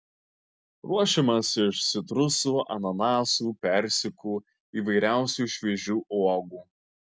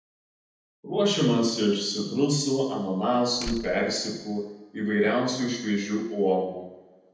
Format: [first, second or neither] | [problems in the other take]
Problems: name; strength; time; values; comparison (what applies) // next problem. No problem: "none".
first | background sound (Slam); 13 dB below the speech // room echo; dies away in 0.9 s